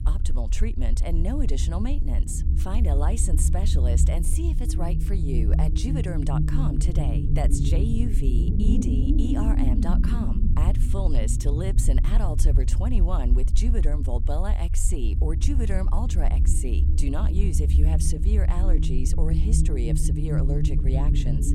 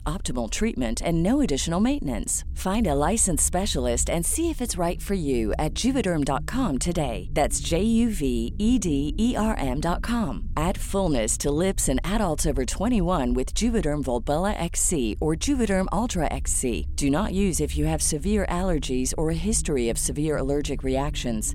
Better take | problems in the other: second | low rumble; loud; throughout; 3 dB below the speech; faint in the second

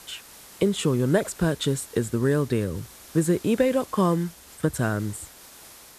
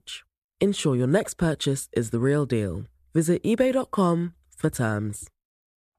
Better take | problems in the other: second | hiss; noticeable; throughout; 20 dB below the speech

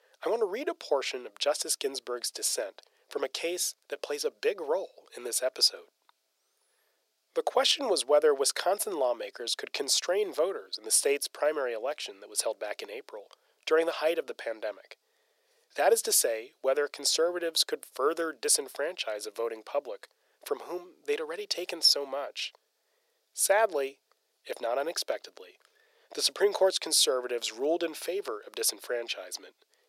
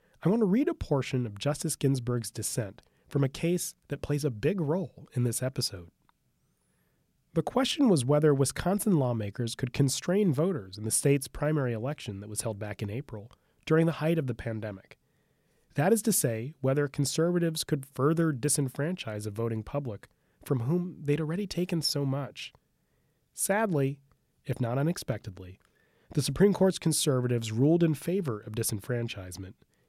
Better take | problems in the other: second | thin; very; fading below 400 Hz

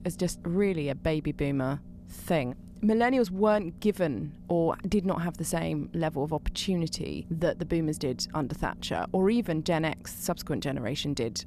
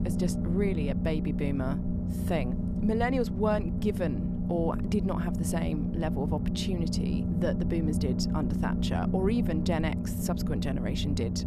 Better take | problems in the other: first | low rumble; loud; throughout; 5 dB below the speech; faint in the first

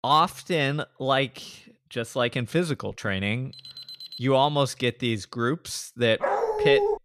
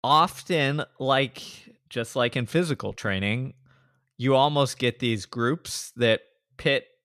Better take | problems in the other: second | alarm; faint; at 3.5 s; peak 10 dB below the speech // dog barking; loud; at 6 s; peak 3 dB above the speech

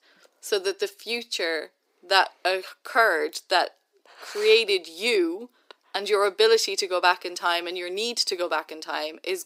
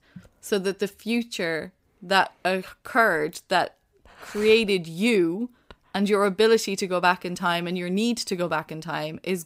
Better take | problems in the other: second | thin; very; fading below 300 Hz

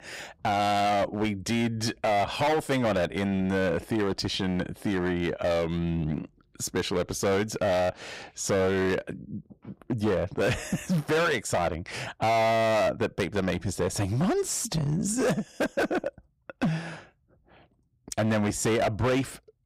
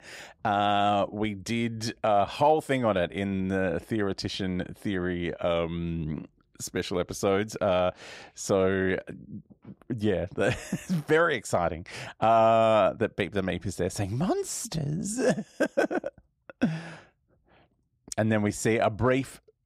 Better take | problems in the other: second | distortion; heavy; 14% of the sound clipped

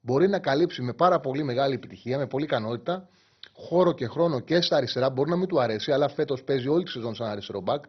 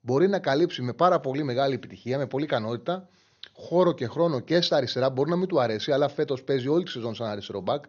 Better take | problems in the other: second | garbled, watery; badly; nothing above 5.5 kHz; slightly in the second

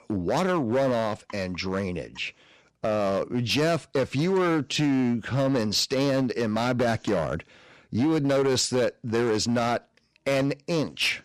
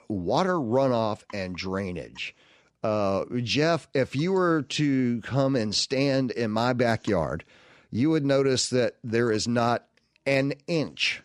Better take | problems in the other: second | distortion; slight; 10% of the sound clipped

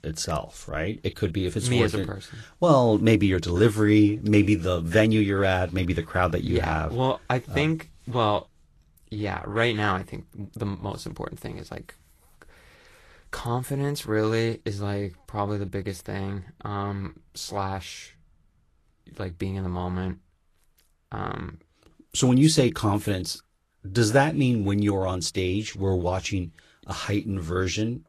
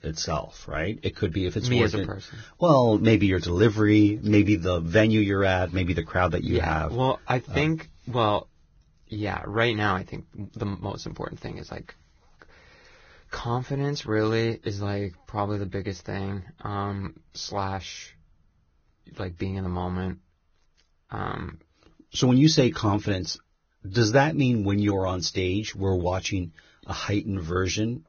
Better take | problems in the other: first | garbled, watery; badly; nothing above 6.5 kHz; slightly in the first

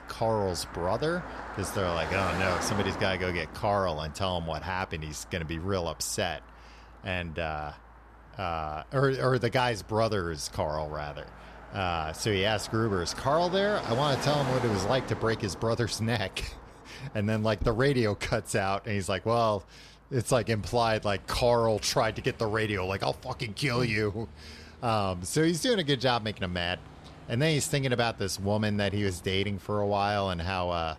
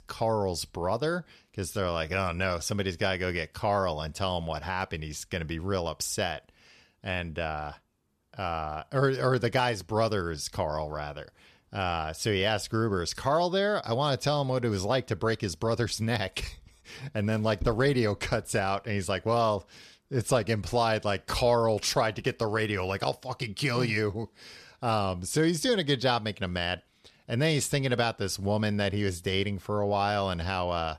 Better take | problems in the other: second | traffic noise; noticeable; throughout; 15 dB below the speech

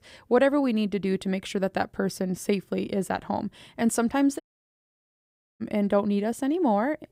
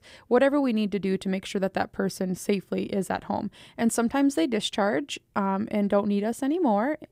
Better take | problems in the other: second | audio cutting out; at 4.5 s for 1 s

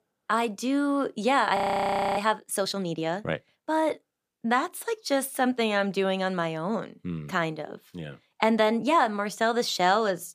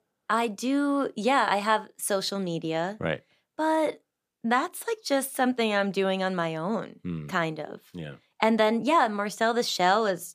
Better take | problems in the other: second | audio freezing; at 1.5 s for 0.5 s

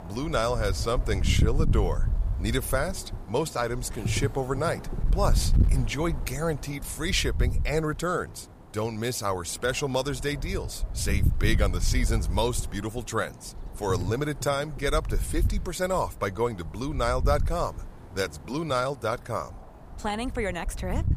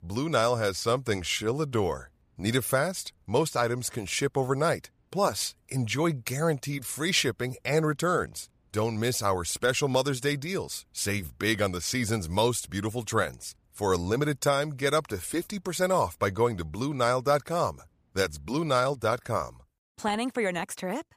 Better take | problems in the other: second | wind noise on the microphone; occasional gusts; 15 dB below the speech

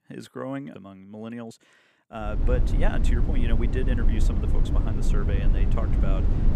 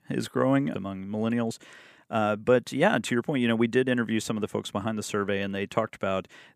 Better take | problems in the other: second | low rumble; loud; from 2.5 s on; 3 dB below the speech

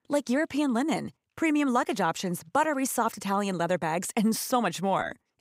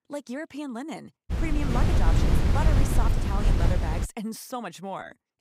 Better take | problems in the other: first | wind noise on the microphone; heavy; from 1.5 to 4 s; 1 dB above the speech

